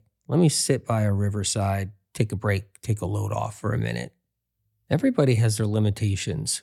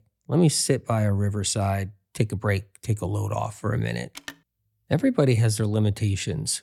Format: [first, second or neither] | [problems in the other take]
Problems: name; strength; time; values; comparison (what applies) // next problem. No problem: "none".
first | phone ringing; faint; at 4 s; peak 15 dB below the speech